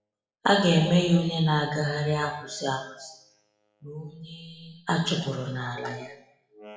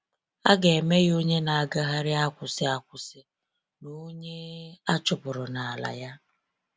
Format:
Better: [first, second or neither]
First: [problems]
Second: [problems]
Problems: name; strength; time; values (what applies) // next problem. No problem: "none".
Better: second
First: noise reduction (classical method WPE with log-MMSE)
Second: none